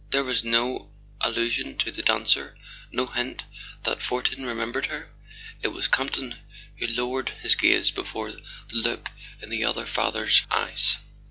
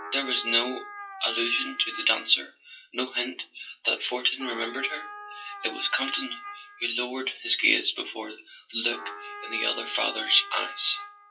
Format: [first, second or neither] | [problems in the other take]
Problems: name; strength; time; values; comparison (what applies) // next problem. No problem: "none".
first | noise reduction (classical method WPE with log-MMSE)